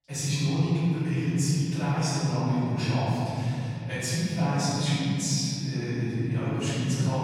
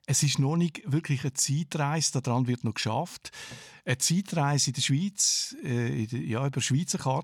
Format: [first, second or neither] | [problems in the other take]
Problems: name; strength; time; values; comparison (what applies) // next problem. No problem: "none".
second | off-mic speech; far // room echo; strong; dies away in 3 s